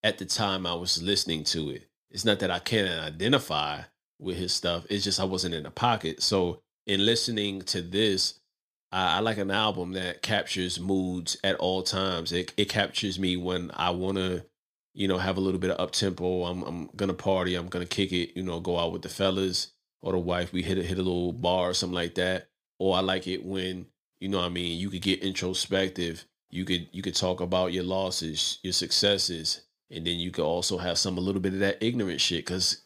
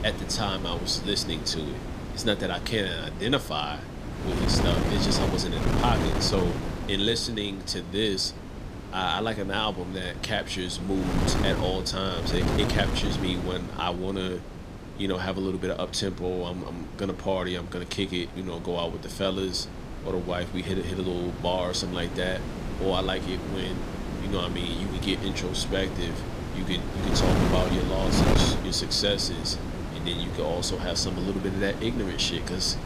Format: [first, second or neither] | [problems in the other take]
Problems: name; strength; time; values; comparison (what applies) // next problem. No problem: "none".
first | wind noise on the microphone; heavy; 6 dB below the speech